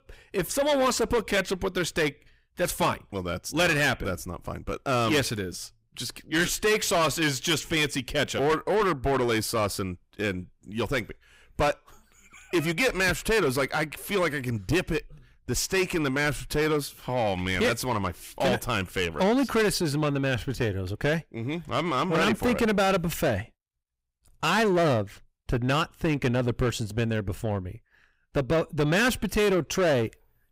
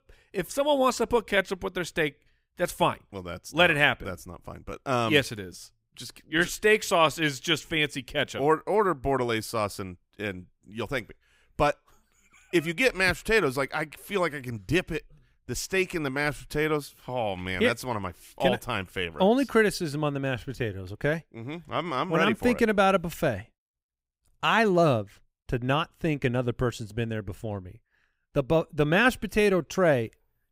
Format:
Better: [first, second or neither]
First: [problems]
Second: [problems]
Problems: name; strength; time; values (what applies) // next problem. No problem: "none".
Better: second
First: distortion; heavy; 7 dB below the speech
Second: none